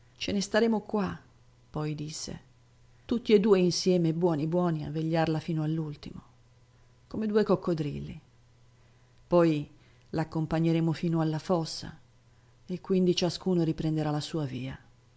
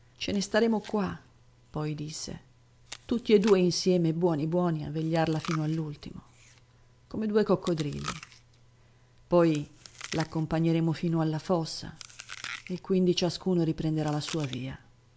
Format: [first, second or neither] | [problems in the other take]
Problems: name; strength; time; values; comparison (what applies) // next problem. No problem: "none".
first | background sound (Chewing, mastication); 19 dB below the speech